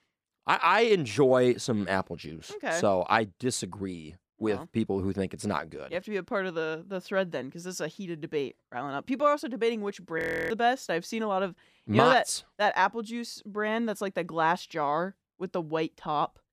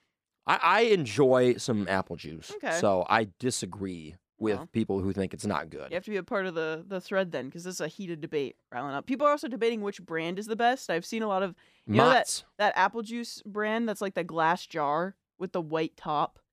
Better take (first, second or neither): second